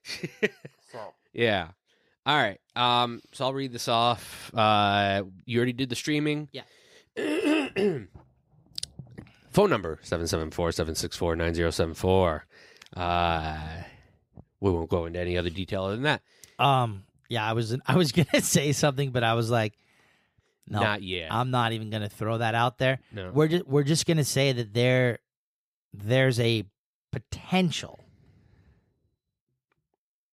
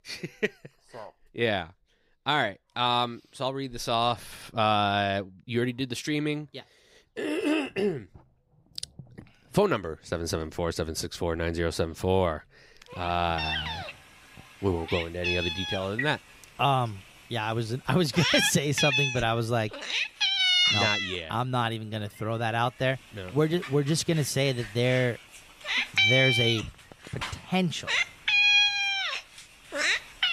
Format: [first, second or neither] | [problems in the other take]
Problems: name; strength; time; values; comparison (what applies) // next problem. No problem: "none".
first | animal sounds; very loud; throughout; 3 dB above the speech